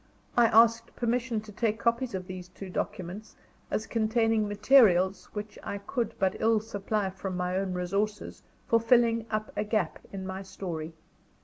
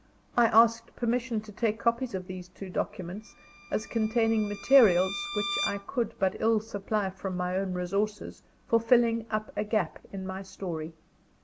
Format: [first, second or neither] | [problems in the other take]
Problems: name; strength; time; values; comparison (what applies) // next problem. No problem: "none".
first | background sound (Bowed string instrument); 11 dB below the speech